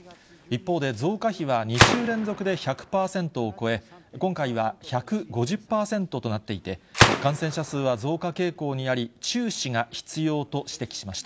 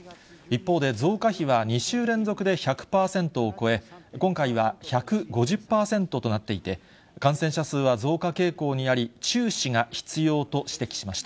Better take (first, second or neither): second